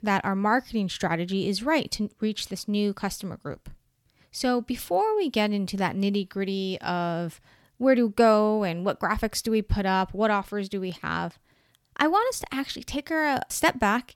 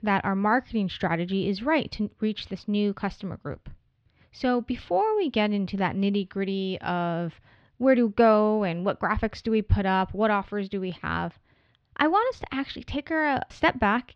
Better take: first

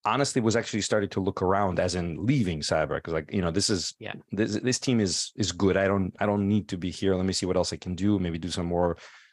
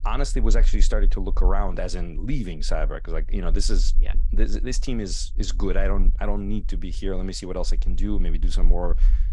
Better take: first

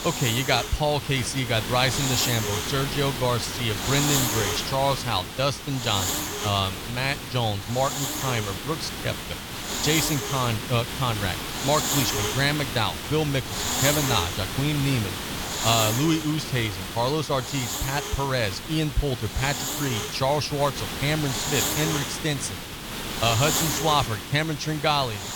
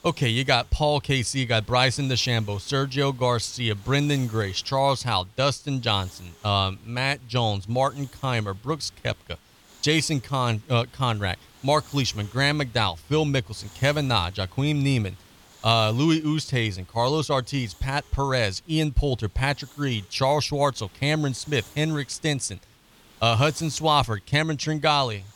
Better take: second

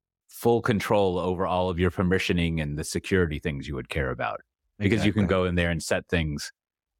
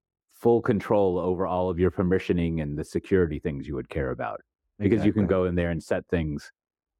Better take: first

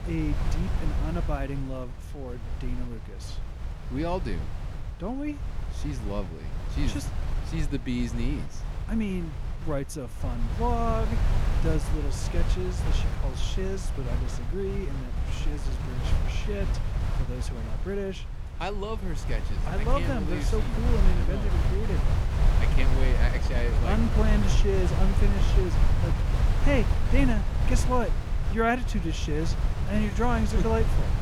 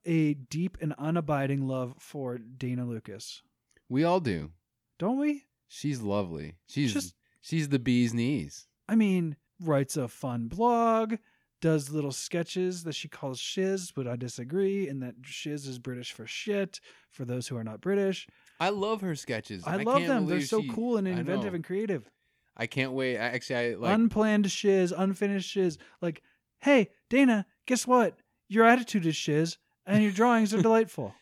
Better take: second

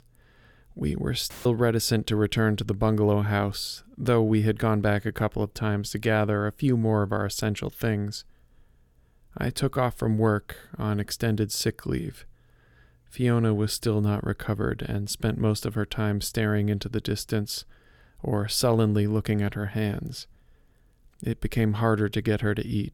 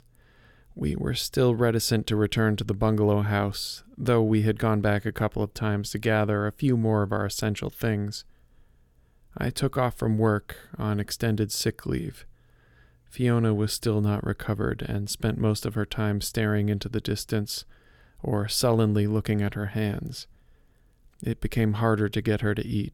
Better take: second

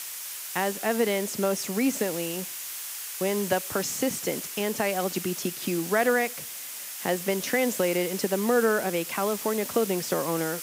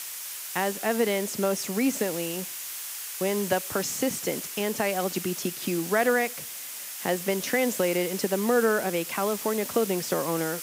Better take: neither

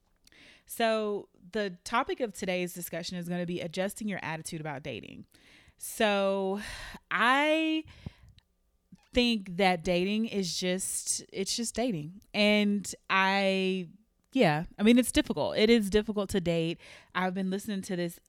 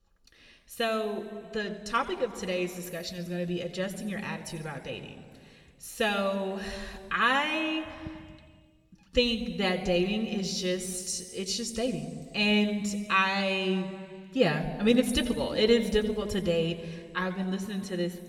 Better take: first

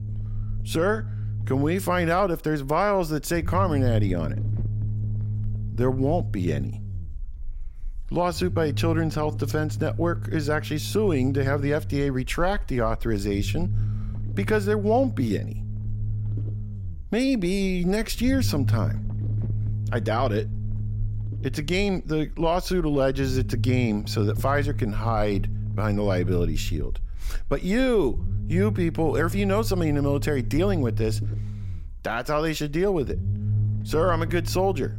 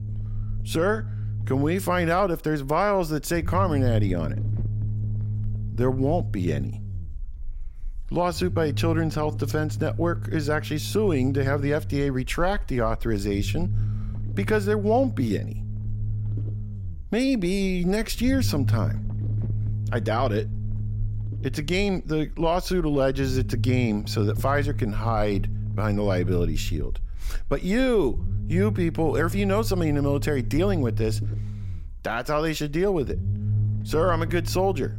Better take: neither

